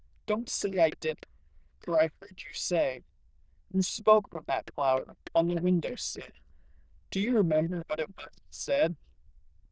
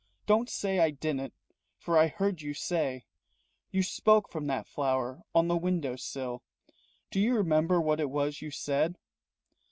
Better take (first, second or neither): second